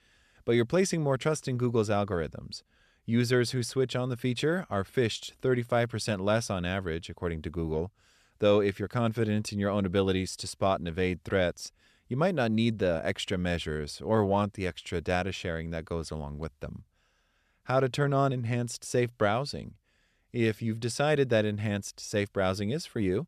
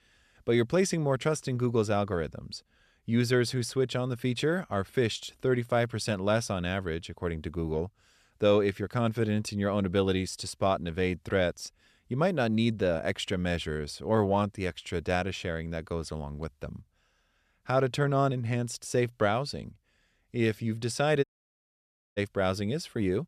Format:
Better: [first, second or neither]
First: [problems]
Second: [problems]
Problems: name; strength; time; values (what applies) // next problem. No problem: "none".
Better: first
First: none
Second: audio cutting out; at 21 s for 1 s